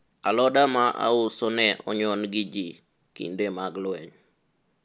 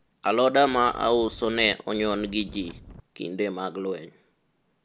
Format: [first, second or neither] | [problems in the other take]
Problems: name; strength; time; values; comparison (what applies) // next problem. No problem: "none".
first | background sound (Wind); 19 dB below the speech